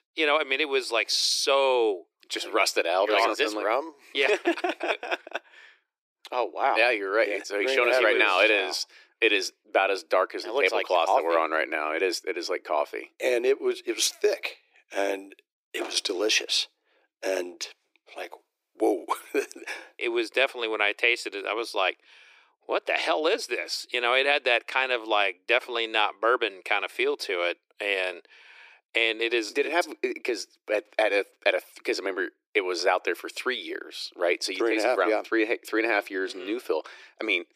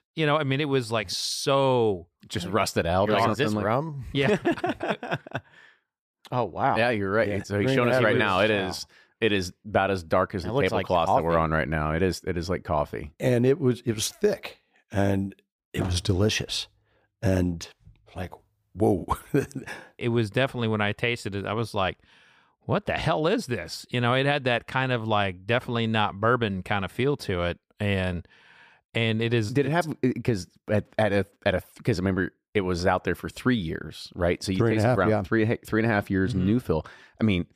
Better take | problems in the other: second | thin; very; fading below 350 Hz

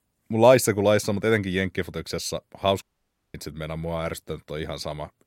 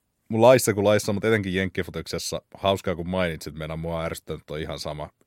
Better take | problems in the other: second | audio cutting out; at 3 s for 0.5 s

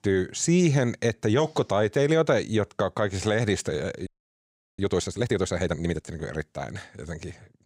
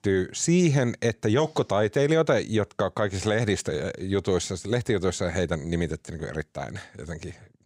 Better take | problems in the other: second | audio freezing; at 4 s for 0.5 s

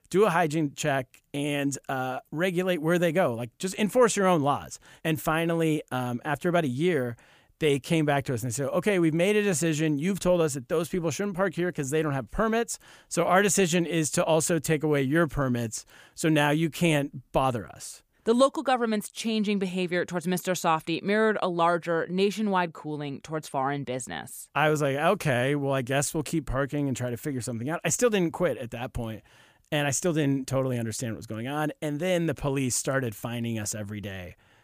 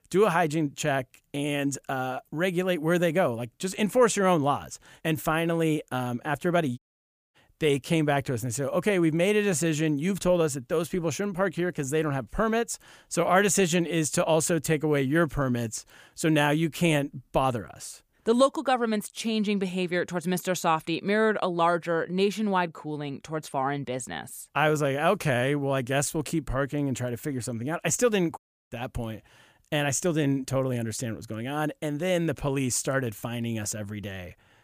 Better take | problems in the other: first | audio cutting out; at 7 s for 0.5 s and at 28 s

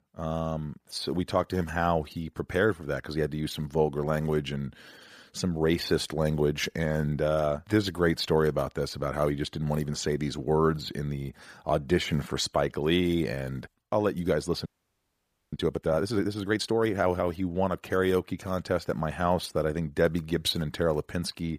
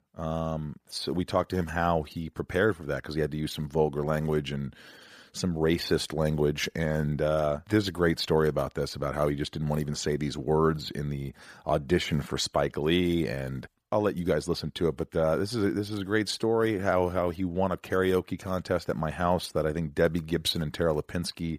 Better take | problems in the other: second | audio freezing; at 15 s for 1 s

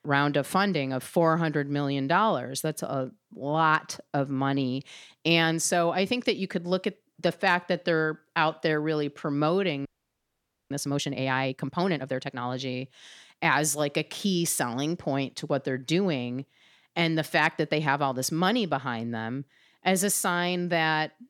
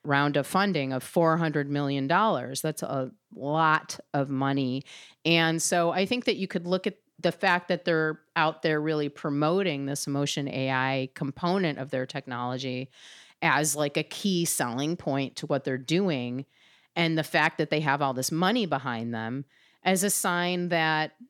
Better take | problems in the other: second | audio freezing; at 10 s for 1 s

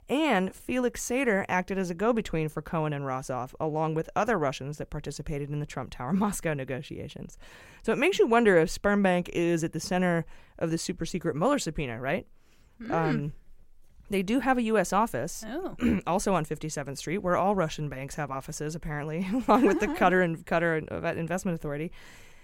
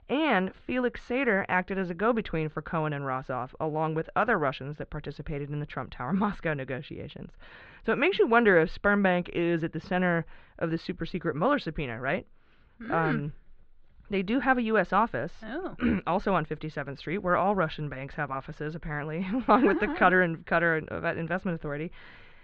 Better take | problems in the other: first | muffled; very; fading above 4 kHz

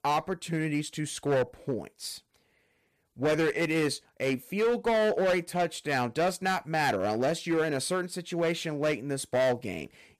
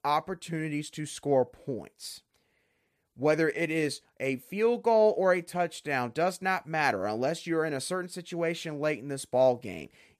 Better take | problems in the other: second | distortion; heavy; 10% of the sound clipped

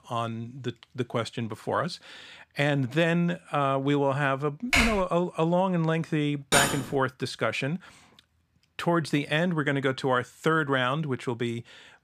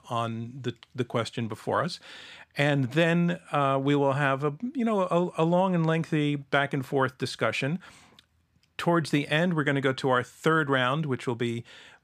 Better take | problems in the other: second | keyboard typing; loud; at 4.5 s; peak 4 dB above the speech // clattering dishes; loud; at 6.5 s; peak 3 dB above the speech

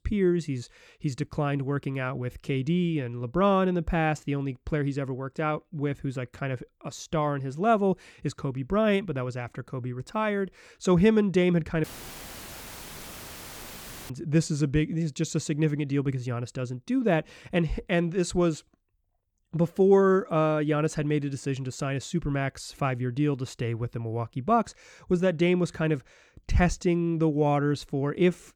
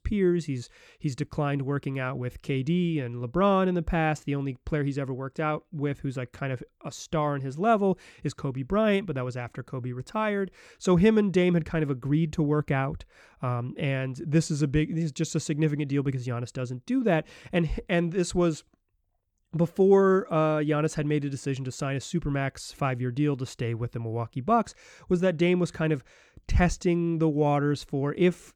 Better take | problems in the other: second | audio cutting out; filled with static; at 12 s for 2.5 s

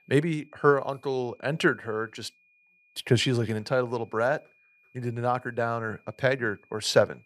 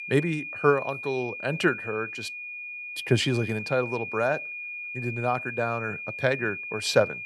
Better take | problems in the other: first | high-pitched whine; loud; throughout; 2.5 kHz, 7 dB below the speech; faint in the first

